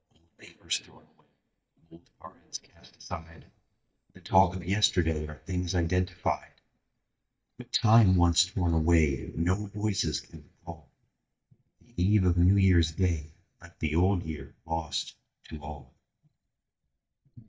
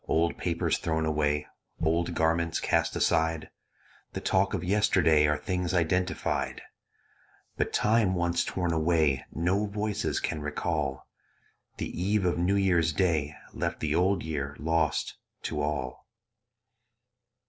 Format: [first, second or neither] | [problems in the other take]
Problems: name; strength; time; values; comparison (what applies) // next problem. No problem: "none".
second | noise reduction (neural mask model DeepFilterNet 3)